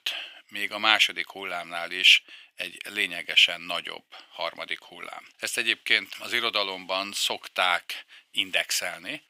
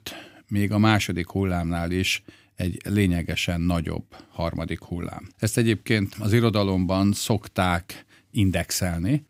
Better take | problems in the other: second | thin; very; fading below 750 Hz

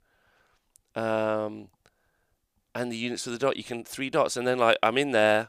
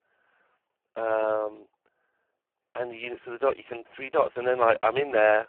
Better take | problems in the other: first | phone-call audio; poor line

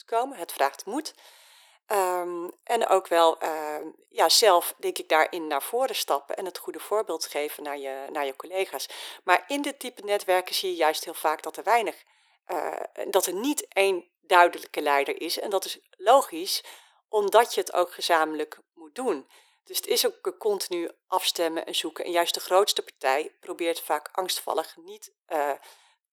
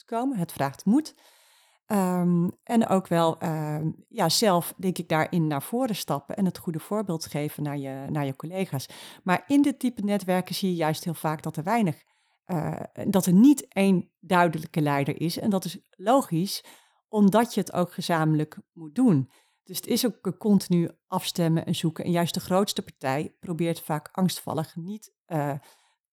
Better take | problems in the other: second | thin; very; fading below 400 Hz

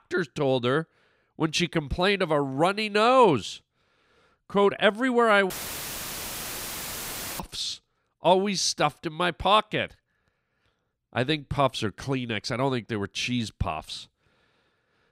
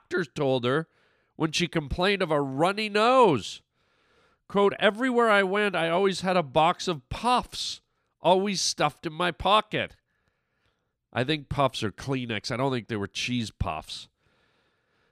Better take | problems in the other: second | audio cutting out; filled with static; at 5.5 s for 2 s

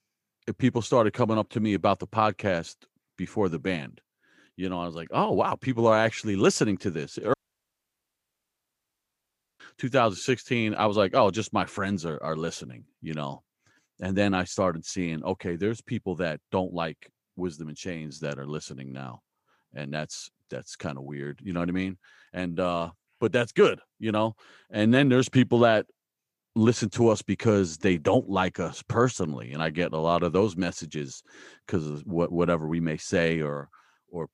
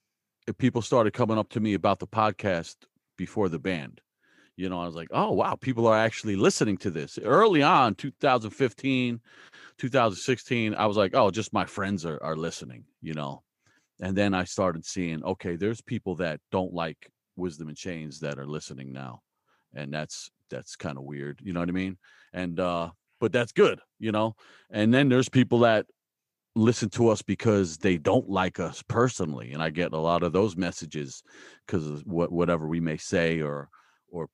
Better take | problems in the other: second | audio cutting out; at 7.5 s for 2.5 s

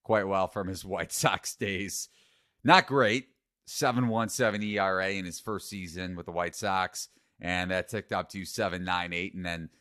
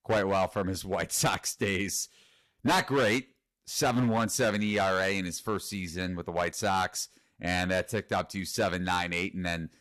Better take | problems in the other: first | distortion; heavy; 7% of the sound clipped

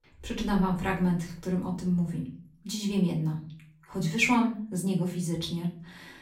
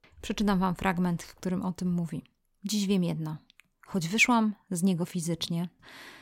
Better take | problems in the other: second | off-mic speech; far // room echo; slight; dies away in 0.4 s

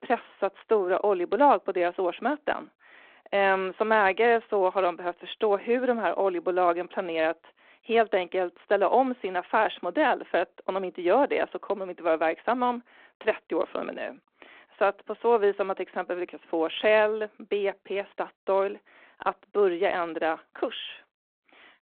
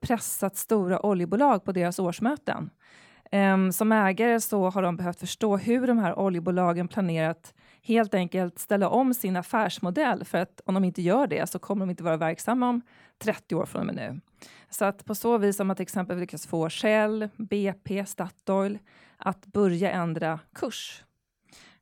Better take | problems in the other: second | phone-call audio

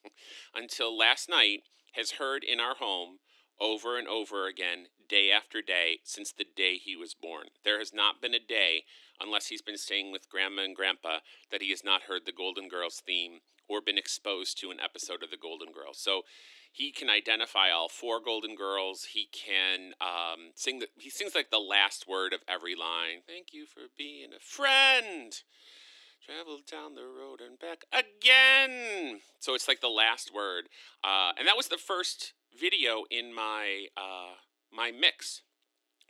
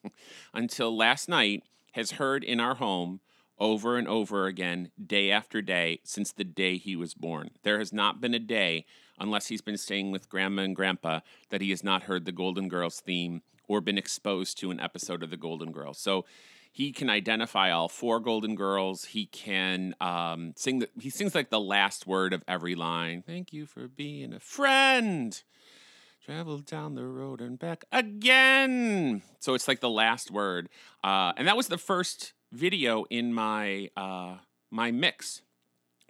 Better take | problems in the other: second | thin; very; fading below 300 Hz

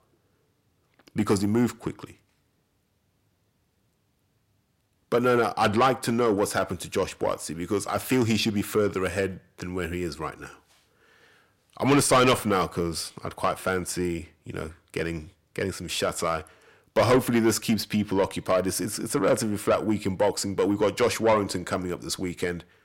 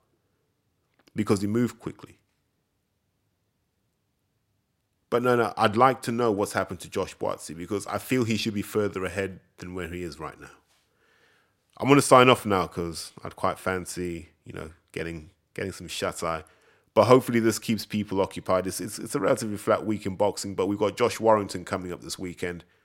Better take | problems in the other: second | distortion; heavy; 7 dB below the speech

